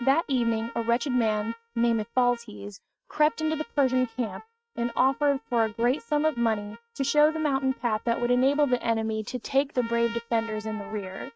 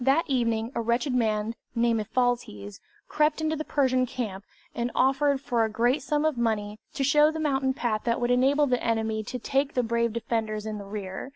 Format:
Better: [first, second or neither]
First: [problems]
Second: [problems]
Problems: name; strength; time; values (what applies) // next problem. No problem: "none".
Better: second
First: noise reduction (neural mask model RNNoise)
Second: none